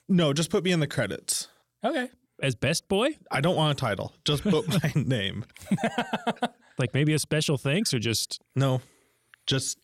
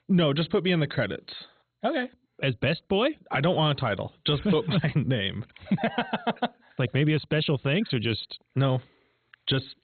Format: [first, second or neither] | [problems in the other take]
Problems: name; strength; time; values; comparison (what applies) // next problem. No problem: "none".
first | garbled, watery; badly; nothing above 4 kHz